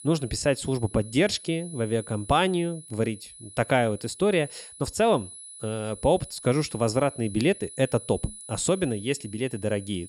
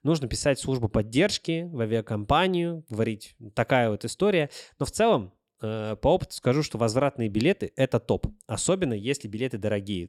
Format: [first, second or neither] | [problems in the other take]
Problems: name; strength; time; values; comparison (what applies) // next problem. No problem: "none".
second | high-pitched whine; noticeable; throughout; 10 kHz, 15 dB below the speech